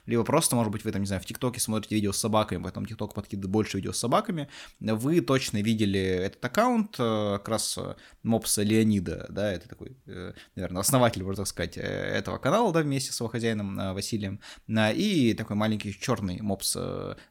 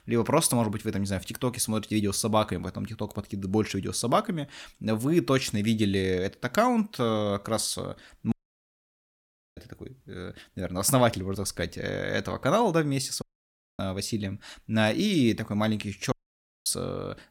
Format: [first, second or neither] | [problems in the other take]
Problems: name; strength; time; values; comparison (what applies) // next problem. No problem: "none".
first | audio cutting out; at 8.5 s for 1.5 s, at 13 s for 0.5 s and at 16 s for 0.5 s